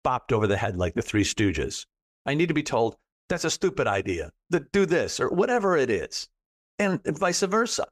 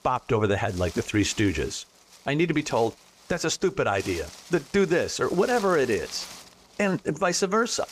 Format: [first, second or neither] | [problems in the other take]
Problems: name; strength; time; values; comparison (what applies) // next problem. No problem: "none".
first | wind noise on the microphone; occasional gusts; 20 dB below the speech